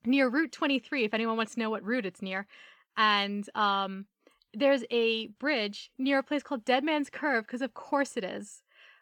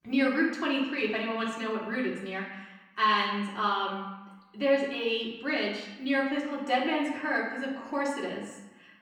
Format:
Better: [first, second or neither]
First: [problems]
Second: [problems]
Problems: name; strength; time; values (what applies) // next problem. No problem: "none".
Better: first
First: none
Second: off-mic speech; far // room echo; noticeable; dies away in 0.9 s